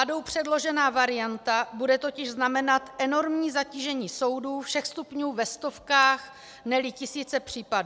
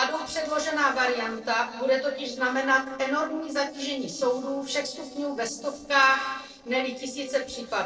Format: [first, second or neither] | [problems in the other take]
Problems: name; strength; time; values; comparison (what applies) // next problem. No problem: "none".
first | noise reduction (neural separator model SepFormer DNS4)